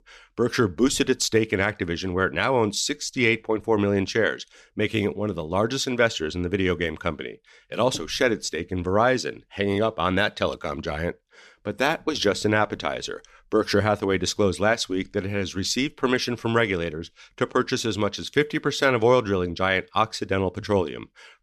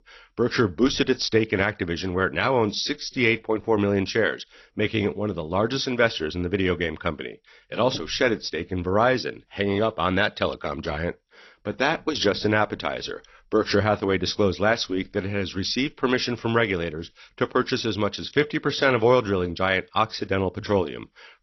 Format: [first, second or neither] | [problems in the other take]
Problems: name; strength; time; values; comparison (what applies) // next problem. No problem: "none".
first | garbled, watery; slightly; nothing above 6 kHz